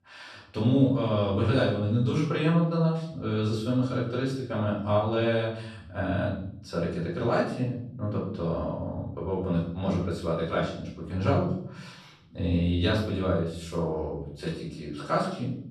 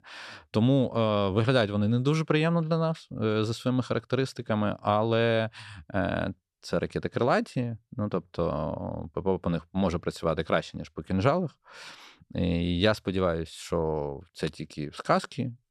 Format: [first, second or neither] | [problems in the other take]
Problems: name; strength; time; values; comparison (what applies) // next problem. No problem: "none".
second | off-mic speech; far // room echo; noticeable; dies away in 0.6 s